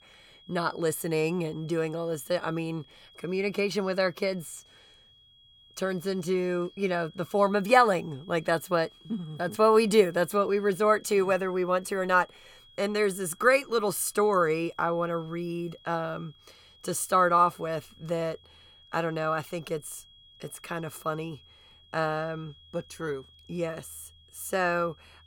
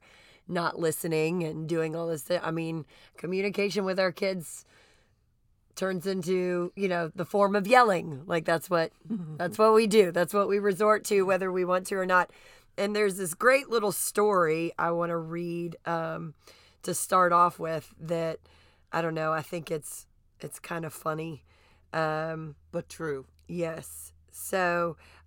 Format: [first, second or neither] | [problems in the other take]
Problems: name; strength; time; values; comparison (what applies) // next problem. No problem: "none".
second | high-pitched whine; faint; throughout; 3.5 kHz, 25 dB below the speech